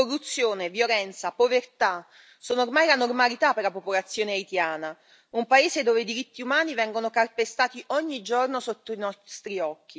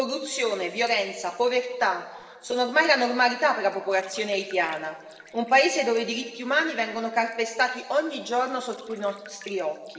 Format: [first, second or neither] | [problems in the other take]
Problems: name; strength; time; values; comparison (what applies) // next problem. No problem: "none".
first | noise reduction (neural separator model SepFormer DNS4)